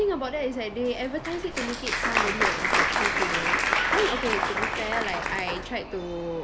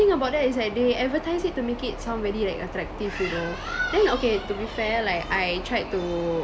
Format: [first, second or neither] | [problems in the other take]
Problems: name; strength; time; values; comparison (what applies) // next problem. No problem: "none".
second | background sound (Applause); 2 dB above the speech